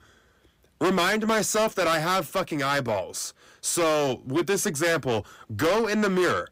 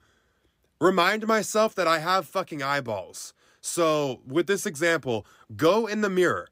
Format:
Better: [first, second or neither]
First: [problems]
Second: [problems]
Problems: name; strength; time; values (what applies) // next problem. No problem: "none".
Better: second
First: distortion; heavy; 7 dB below the speech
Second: none